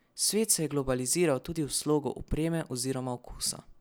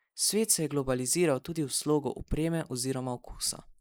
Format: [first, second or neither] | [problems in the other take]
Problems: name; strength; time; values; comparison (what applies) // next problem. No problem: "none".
first | noise reduction (neural mask model Resemble Enhance denoiser)